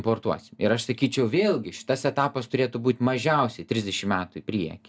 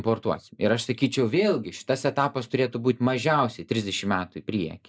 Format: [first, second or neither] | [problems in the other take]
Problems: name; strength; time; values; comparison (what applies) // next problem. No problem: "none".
first | noise reduction (neural mask model Resemble Enhance denoiser)